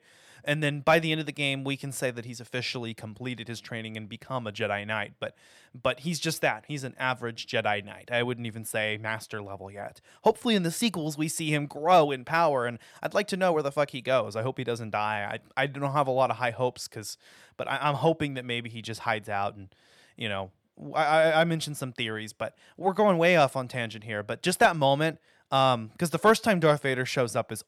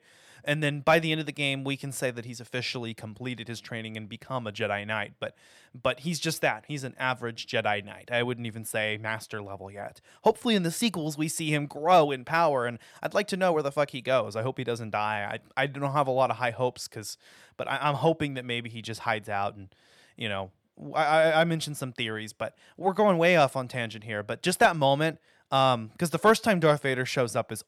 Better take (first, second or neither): neither